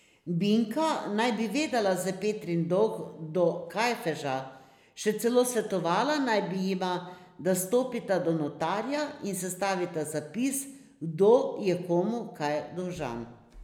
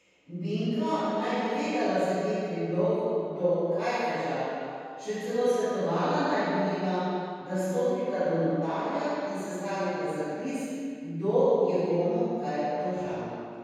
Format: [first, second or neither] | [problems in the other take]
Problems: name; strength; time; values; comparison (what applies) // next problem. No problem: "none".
first | room echo; dies away in 2.2 s